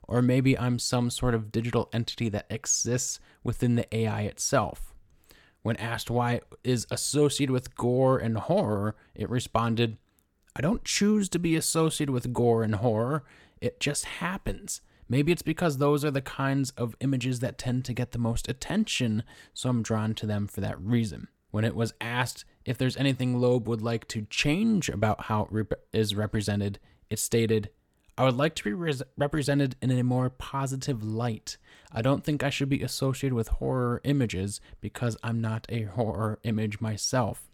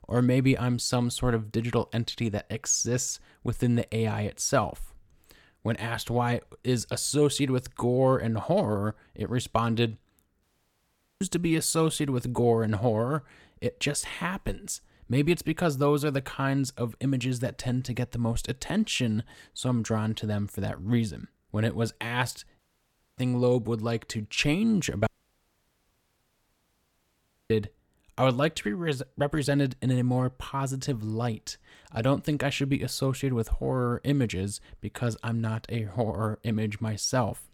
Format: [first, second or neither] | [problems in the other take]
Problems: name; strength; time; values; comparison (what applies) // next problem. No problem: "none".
first | audio cutting out; at 10 s for 1 s, at 23 s for 0.5 s and at 25 s for 2.5 s